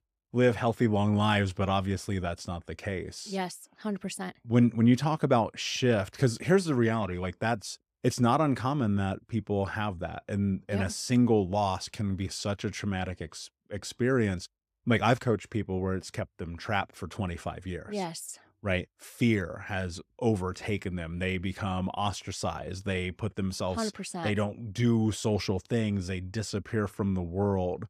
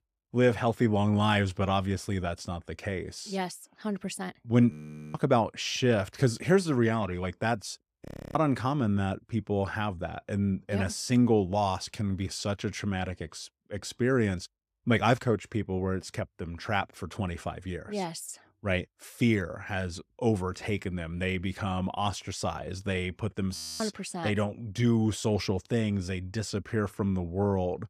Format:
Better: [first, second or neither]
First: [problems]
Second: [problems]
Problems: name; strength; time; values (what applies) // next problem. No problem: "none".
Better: first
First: none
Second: audio freezing; at 4.5 s, at 8 s and at 24 s